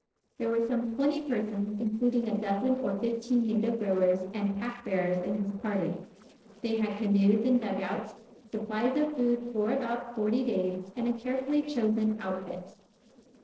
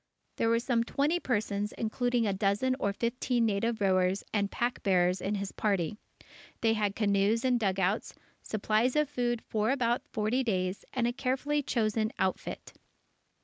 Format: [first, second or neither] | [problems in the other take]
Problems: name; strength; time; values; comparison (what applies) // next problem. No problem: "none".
second | noise reduction (neural separator model SepFormer DNS4)